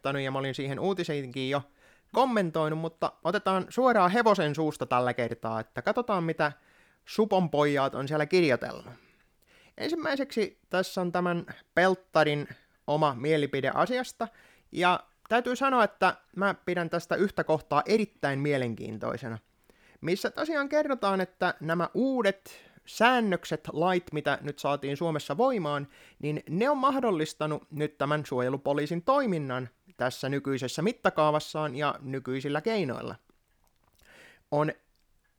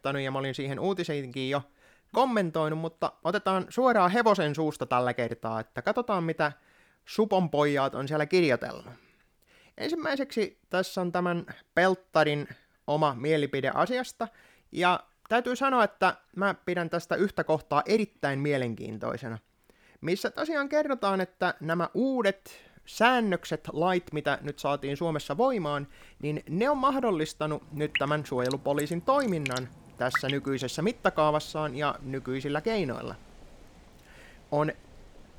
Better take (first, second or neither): first